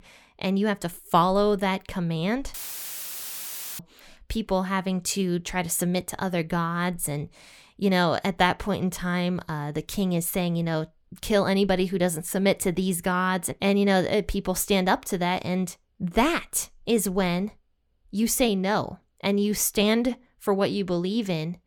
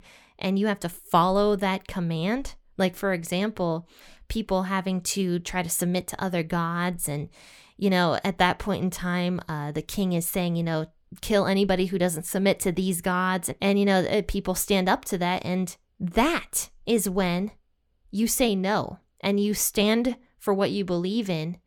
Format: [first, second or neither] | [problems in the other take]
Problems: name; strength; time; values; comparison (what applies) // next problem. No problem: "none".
second | audio cutting out; filled with static; at 2.5 s for 1.5 s